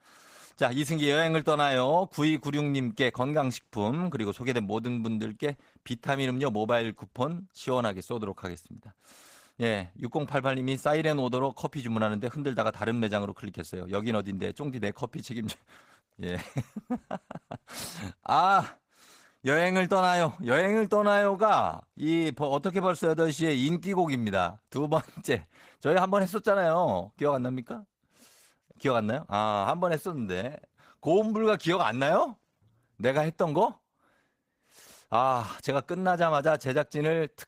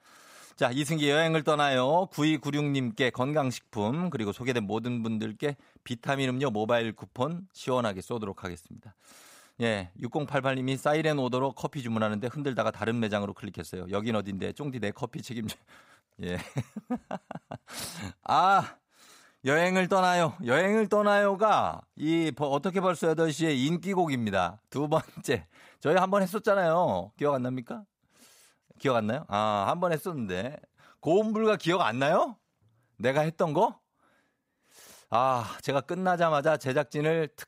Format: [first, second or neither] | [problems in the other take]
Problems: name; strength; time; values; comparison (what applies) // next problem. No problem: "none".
second | garbled, watery; slightly; nothing above 15.5 kHz